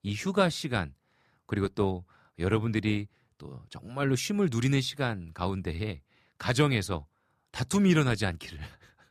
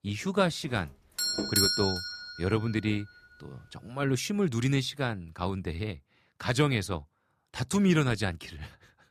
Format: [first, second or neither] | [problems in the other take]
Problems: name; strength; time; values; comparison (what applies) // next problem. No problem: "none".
first | doorbell; loud; at 1 s; peak 5 dB above the speech